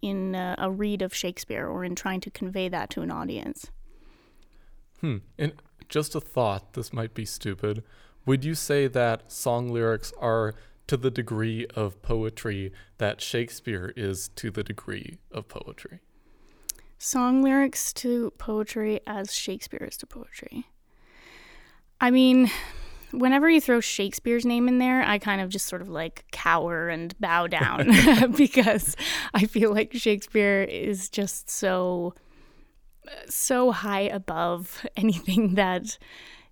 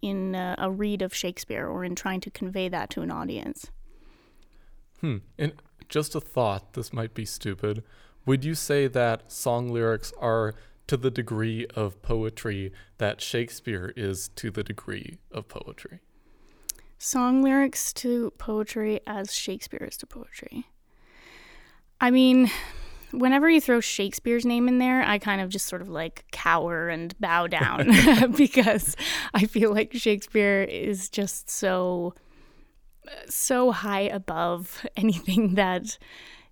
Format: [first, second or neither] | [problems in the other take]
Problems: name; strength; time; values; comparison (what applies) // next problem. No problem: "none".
neither | none